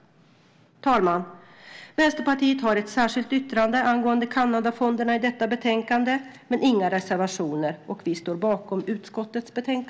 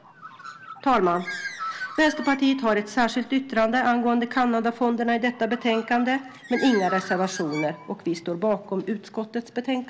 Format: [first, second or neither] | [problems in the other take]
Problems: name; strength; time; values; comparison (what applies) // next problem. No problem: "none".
first | background sound (Bird); 15 dB below the speech